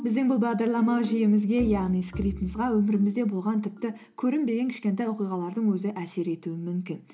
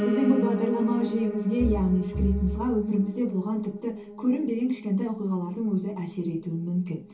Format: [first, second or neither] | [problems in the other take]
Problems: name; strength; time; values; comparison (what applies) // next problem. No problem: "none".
first | background sound (Piano); 8 dB below the speech // room echo; dies away in 0.2 s